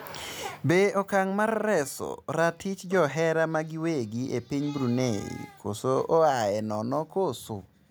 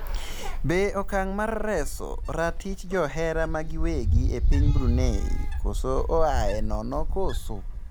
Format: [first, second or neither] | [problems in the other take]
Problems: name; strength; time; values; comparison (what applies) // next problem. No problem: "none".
first | background sound (Wind); 4 dB above the speech